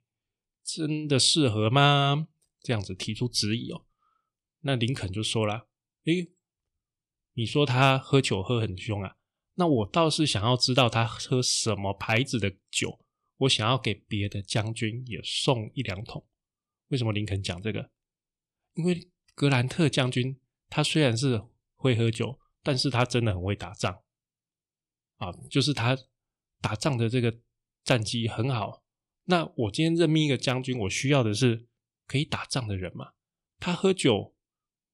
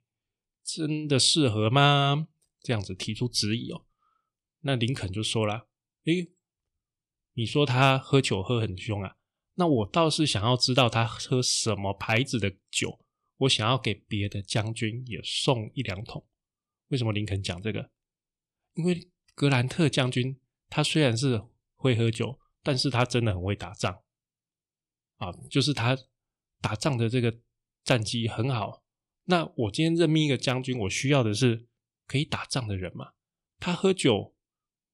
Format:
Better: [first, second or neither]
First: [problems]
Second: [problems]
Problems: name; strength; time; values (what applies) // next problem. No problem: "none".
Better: neither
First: none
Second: none